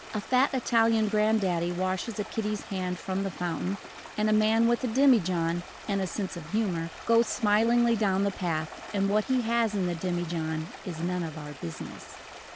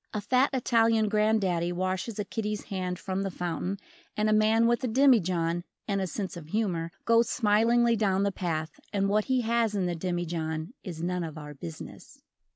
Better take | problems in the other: second | background sound (Stream); 16 dB below the speech

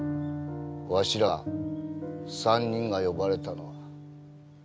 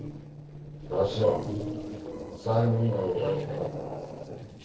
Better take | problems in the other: first | noise reduction (neural separator model SepFormer DNS4)

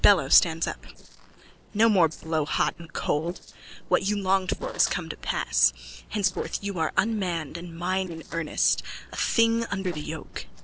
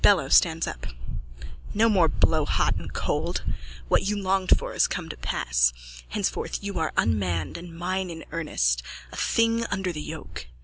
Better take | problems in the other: second | noise reduction (neural separator model SepFormer DNS4)

